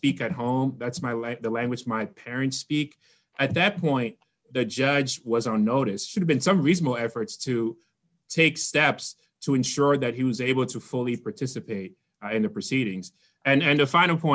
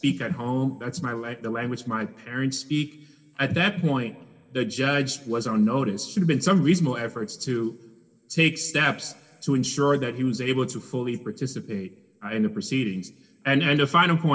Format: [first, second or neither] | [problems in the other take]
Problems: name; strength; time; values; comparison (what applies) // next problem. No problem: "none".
first | room echo; dies away in 1.3 s